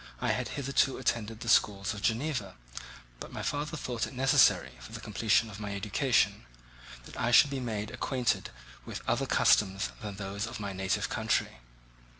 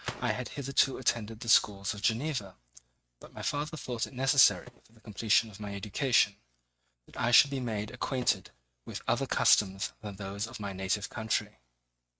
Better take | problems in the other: first | noise reduction (neural mask model RNNoise)

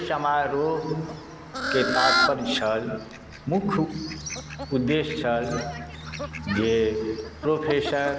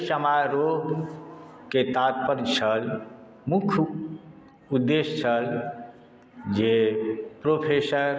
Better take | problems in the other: second | background sound (Fowl); 6 dB below the speech

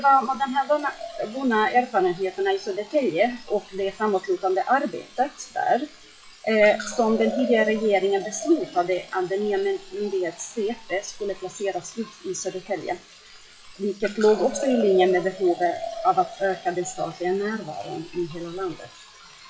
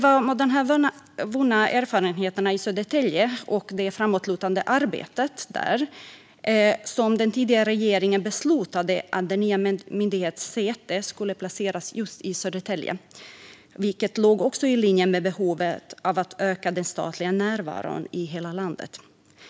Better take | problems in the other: second | noise reduction (classical method WPE with log-MMSE)

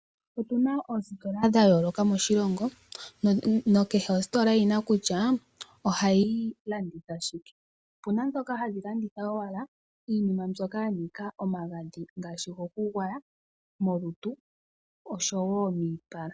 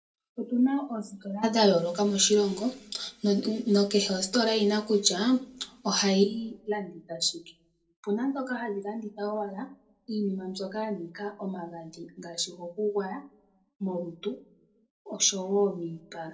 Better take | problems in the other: first | room echo; dies away in 0.2 s

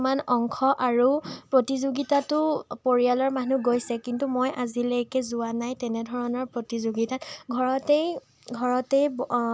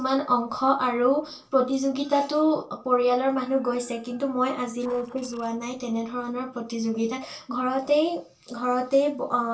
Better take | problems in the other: first | noise reduction (neural separator model SepFormer DNS4)

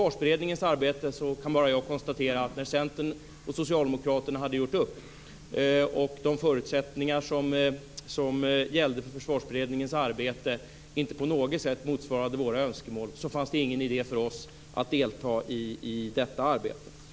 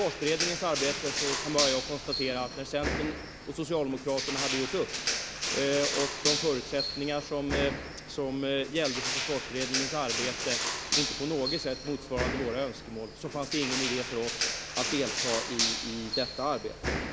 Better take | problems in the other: first | background sound (Crushing); 1 dB below the speech

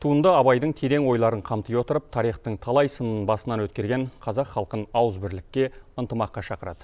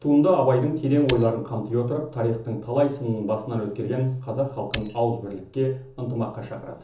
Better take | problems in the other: first | background sound (Shatter); 11 dB below the speech // room echo; dies away in 0.7 s

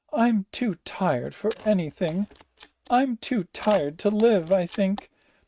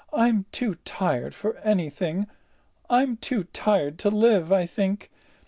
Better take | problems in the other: second | noise reduction (neural mask model RNNoise)

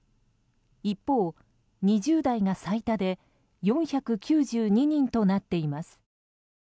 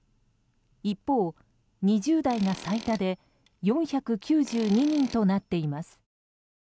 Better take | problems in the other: first | background sound (Tools); 18 dB below the speech

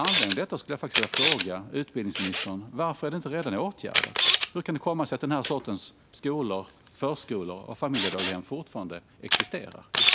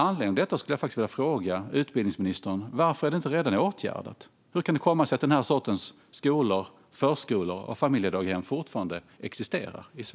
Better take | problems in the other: second | background sound (Camera); 1 dB above the speech

